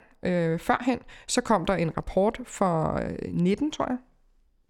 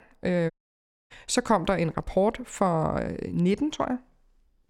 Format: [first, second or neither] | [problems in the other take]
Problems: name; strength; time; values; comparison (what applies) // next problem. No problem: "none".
first | audio cutting out; at 0.5 s for 0.5 s